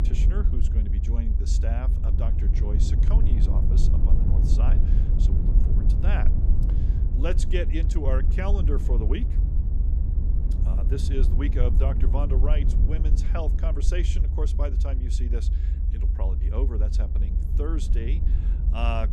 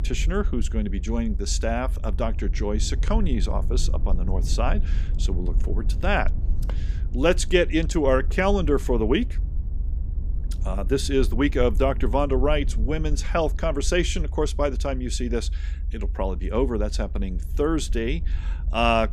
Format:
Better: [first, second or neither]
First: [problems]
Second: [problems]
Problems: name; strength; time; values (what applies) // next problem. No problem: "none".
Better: second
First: low rumble; loud; throughout; 5 dB below the speech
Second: low rumble; faint; throughout; 20 dB below the speech